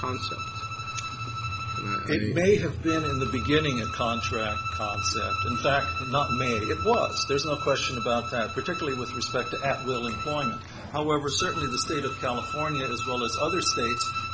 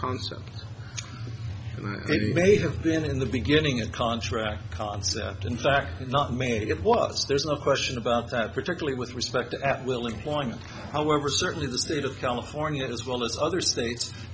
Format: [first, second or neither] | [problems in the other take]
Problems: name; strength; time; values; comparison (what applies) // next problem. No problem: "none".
second | background sound (Bowed string instrument); 4 dB below the speech